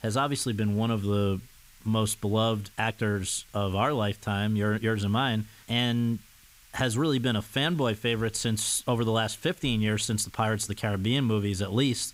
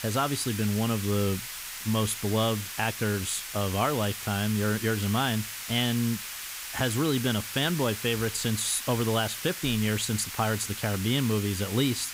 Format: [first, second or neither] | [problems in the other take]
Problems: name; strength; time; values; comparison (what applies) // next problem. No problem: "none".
first | hiss; loud; throughout; 7 dB below the speech; faint in the first